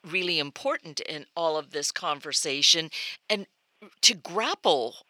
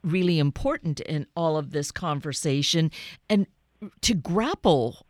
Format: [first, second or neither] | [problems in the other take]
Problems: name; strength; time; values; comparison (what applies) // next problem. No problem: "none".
second | thin; very; fading below 500 Hz